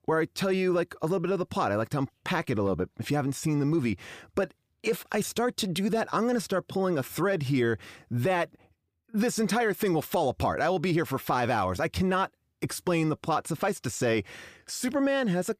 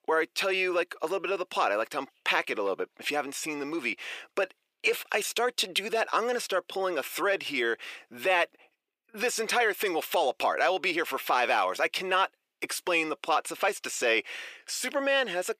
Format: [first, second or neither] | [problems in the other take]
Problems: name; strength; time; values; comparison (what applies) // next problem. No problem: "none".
first | thin; very; fading below 400 Hz